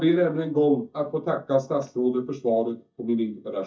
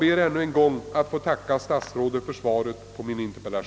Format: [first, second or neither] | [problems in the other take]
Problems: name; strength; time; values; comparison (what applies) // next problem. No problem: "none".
second | noise reduction (neural mask model DeepFilterNet 3)